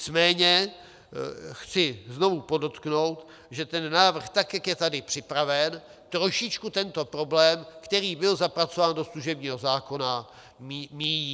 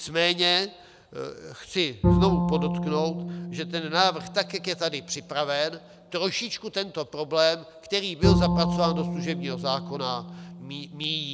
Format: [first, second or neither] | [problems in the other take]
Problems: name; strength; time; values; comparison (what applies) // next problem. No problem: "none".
first | background sound (Bowed string instrument); 1 dB below the speech